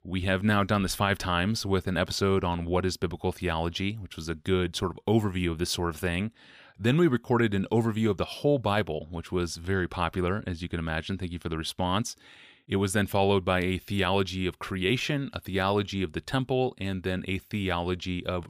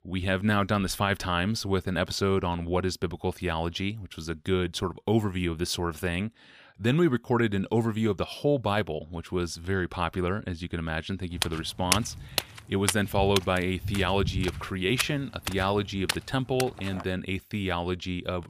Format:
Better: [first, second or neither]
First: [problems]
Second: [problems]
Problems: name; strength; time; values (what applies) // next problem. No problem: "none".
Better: first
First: none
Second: footsteps; loud; from 11 to 17 s; peak 1 dB above the speech